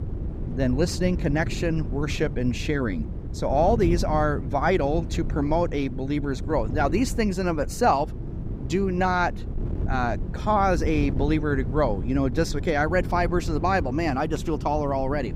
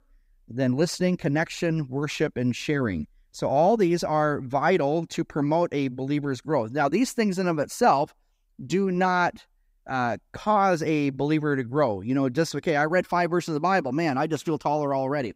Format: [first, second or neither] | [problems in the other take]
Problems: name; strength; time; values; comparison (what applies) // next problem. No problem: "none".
second | wind noise on the microphone; occasional gusts; 15 dB below the speech